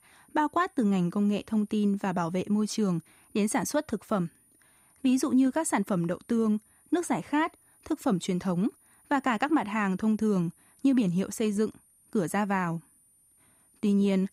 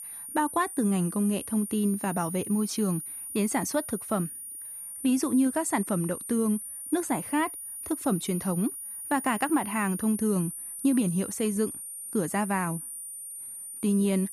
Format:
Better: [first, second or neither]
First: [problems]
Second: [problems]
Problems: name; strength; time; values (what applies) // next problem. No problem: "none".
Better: first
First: high-pitched whine; faint; throughout; 9.5 kHz, 30 dB below the speech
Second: high-pitched whine; loud; throughout; 9.5 kHz, 8 dB below the speech